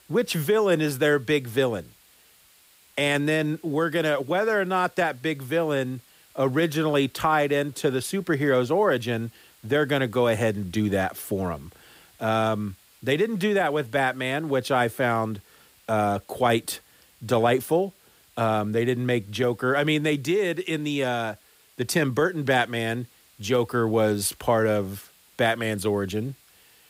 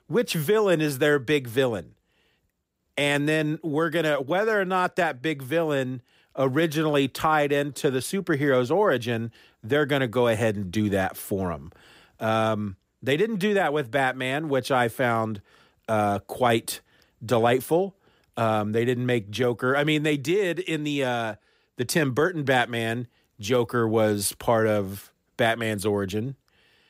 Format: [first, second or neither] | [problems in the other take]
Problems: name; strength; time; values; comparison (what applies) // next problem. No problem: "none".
second | hiss; faint; throughout; 30 dB below the speech